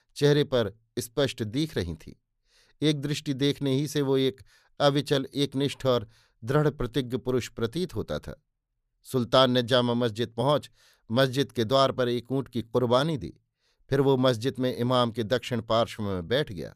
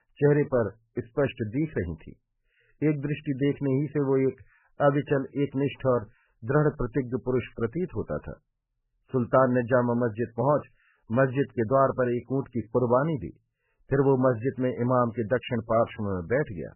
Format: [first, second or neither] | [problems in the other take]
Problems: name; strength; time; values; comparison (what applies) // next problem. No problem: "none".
first | garbled, watery; badly; nothing above 3 kHz